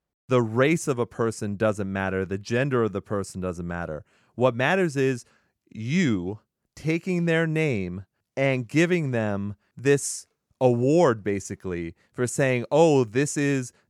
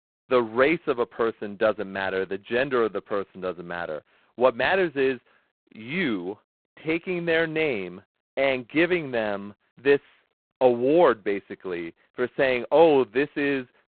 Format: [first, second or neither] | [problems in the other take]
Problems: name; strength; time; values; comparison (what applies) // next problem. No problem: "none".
first | phone-call audio; poor line; nothing above 4 kHz